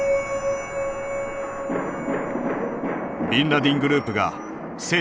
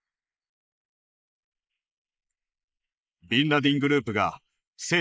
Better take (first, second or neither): first